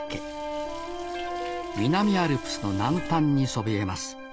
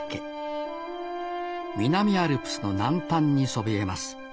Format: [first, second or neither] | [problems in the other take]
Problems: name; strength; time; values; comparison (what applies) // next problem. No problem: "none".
second | background sound (Guitar + Liquid); 14 dB below the speech